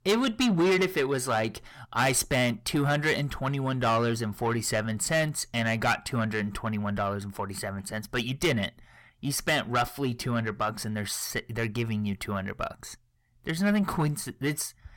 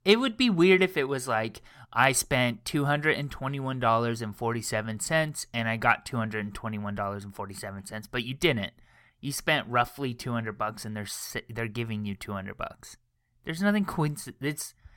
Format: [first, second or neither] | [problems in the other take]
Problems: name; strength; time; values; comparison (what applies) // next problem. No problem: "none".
second | distortion; heavy; 8 dB below the speech